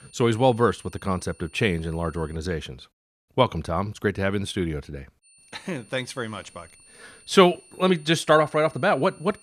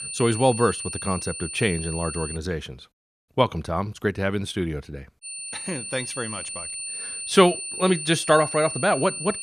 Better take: first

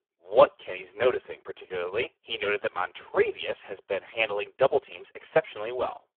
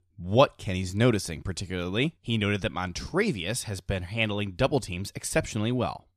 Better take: second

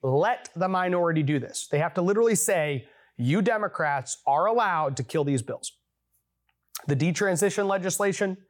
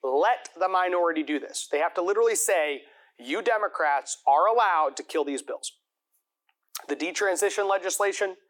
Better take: first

